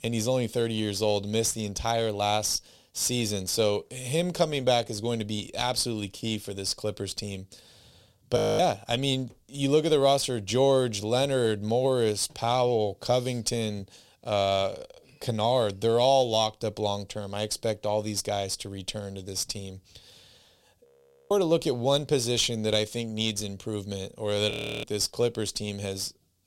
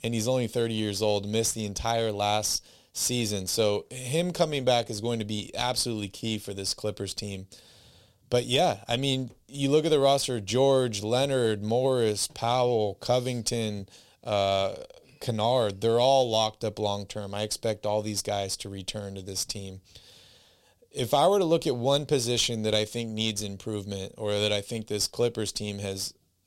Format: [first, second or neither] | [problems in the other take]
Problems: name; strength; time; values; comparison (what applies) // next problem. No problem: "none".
second | audio freezing; at 8.5 s, at 21 s and at 25 s